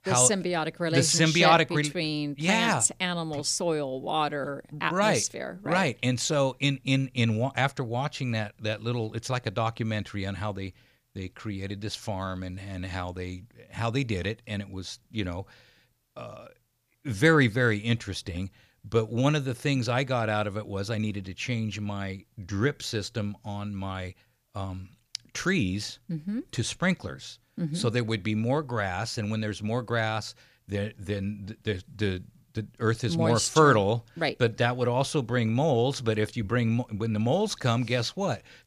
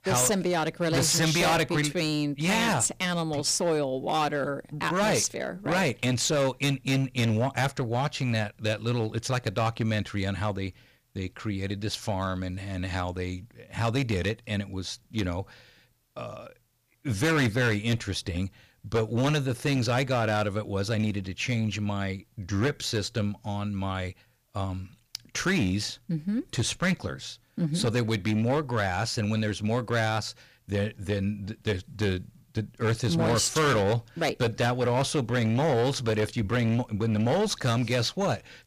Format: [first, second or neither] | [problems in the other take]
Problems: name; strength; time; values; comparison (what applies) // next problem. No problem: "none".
first | distortion; heavy; 10% of the sound clipped